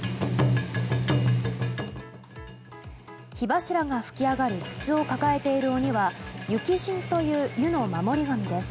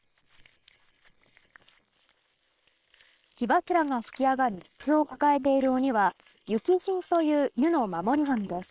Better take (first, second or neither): first